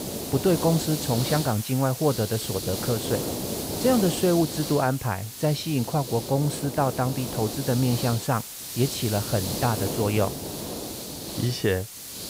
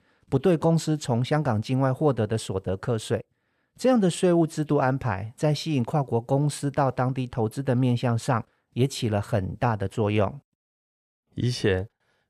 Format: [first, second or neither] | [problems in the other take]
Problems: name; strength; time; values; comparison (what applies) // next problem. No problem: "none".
second | hiss; loud; throughout; 6 dB below the speech